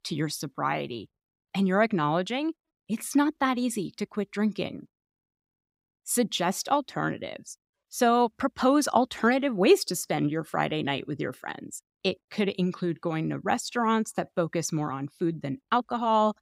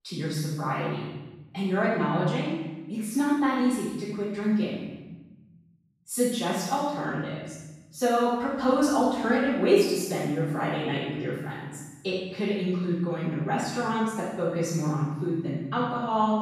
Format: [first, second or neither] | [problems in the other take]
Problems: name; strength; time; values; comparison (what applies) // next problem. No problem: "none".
first | off-mic speech; far // room echo; strong; dies away in 1.3 s